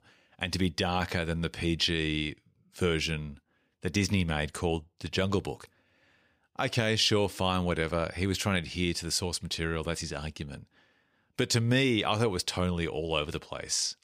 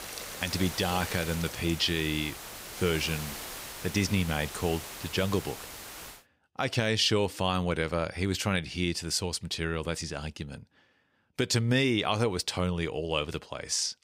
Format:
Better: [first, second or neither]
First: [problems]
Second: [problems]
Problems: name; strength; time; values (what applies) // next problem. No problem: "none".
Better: first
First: none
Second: hiss; loud; until 6 s; 9 dB below the speech